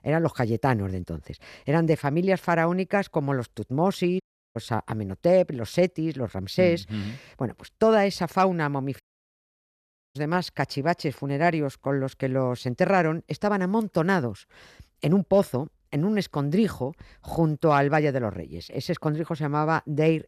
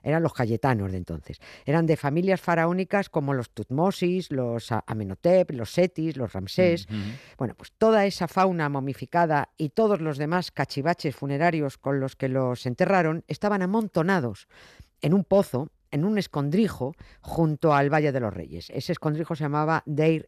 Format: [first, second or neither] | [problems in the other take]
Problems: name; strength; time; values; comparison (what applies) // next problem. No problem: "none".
second | audio cutting out; at 4 s and at 9 s for 1 s